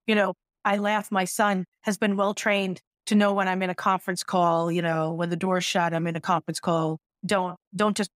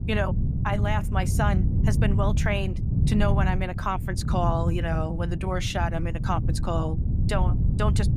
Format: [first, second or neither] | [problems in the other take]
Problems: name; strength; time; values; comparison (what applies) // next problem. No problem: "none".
first | wind noise on the microphone; heavy; 9 dB below the speech